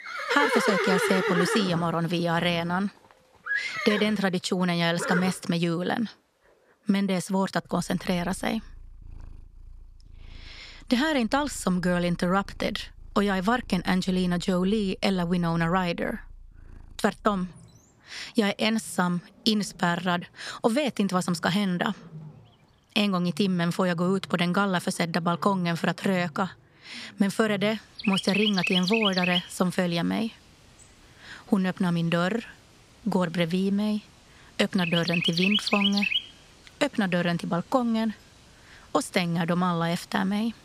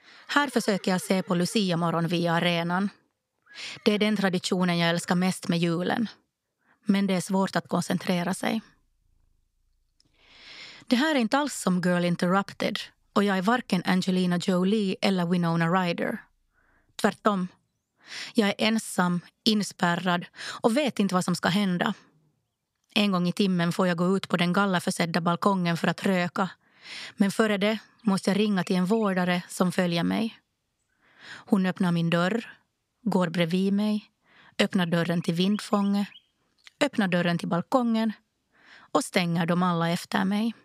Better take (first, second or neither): second